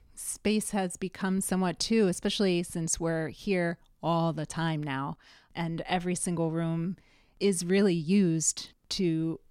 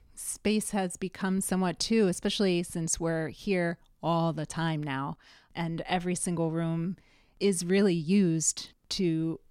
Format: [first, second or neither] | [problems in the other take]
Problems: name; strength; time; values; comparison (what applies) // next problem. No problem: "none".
neither | none